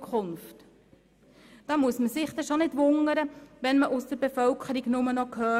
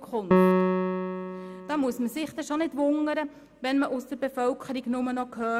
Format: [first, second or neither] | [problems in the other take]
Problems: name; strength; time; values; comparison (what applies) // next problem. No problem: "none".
first | background sound (Piano); 1 dB above the speech